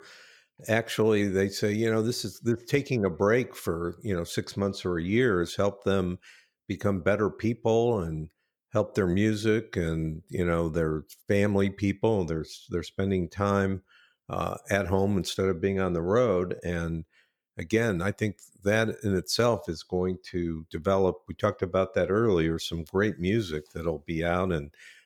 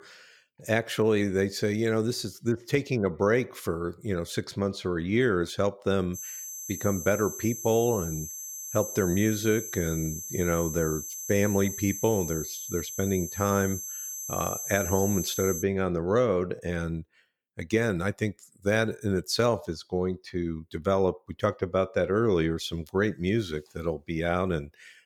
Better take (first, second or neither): first